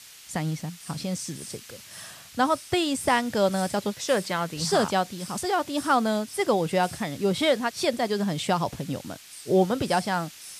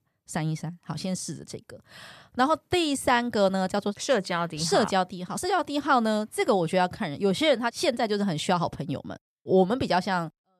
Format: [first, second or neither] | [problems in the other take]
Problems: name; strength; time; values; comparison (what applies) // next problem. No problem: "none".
second | hiss; noticeable; throughout; 15 dB below the speech